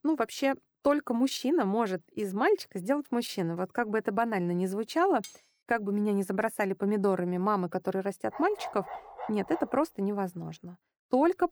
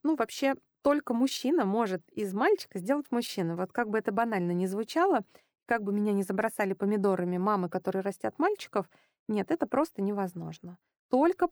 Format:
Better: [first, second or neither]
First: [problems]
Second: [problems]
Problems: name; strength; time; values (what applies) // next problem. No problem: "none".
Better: second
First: clattering dishes; faint; at 5 s; peak 20 dB below the speech // dog barking; faint; from 8.5 to 10 s; peak 10 dB below the speech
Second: none